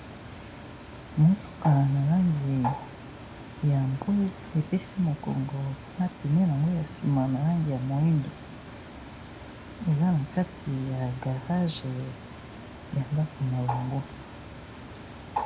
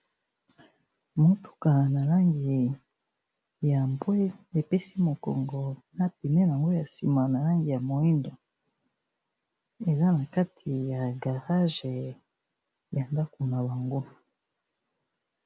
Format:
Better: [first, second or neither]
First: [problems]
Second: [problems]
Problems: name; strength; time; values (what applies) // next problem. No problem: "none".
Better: second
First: background sound (Bird); 12 dB below the speech // room echo; dies away in 0.3 s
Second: none